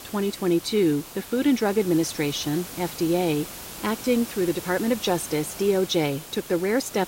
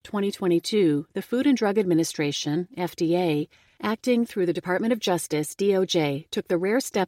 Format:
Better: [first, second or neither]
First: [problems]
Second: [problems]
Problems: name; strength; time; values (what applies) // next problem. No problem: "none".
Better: second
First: hiss; noticeable; throughout; 10 dB below the speech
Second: none